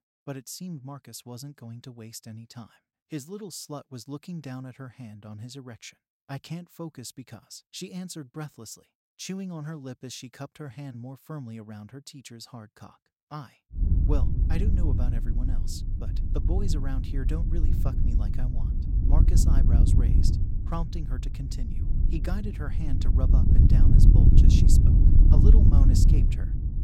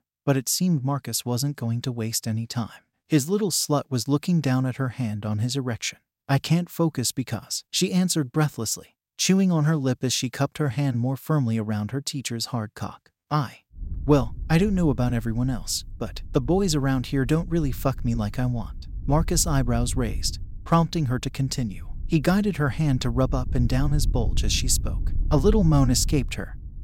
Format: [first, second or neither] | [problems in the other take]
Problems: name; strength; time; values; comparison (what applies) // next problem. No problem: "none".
second | wind noise on the microphone; heavy; from 14 s on; 3 dB above the speech; occasional gusts in the second